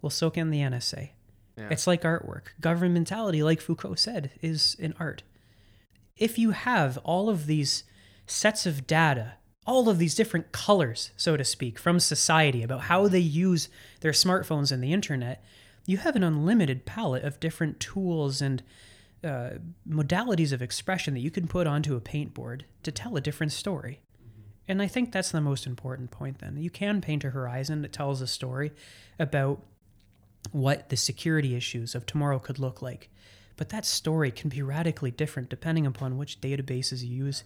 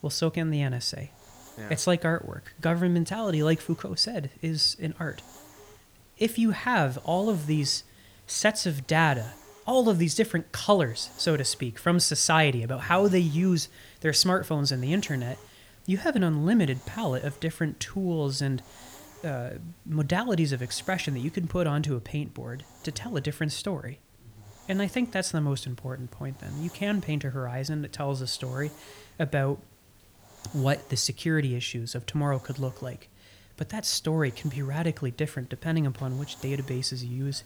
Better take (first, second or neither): first